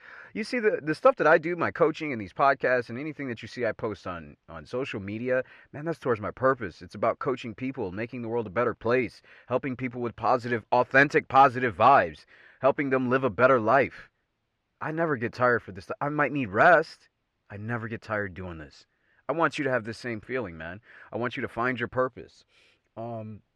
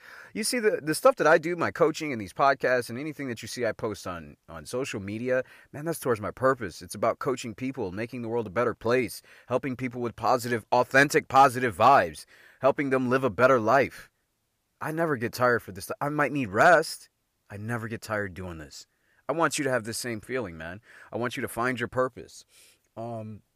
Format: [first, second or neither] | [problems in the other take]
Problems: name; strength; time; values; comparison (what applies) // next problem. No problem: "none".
second | muffled; slightly; fading above 3 kHz